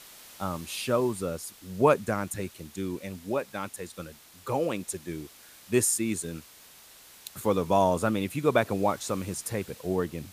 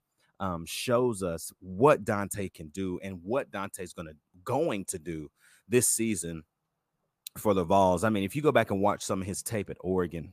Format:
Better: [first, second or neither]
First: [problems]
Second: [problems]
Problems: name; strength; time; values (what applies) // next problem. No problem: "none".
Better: second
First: hiss; faint; throughout; 20 dB below the speech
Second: none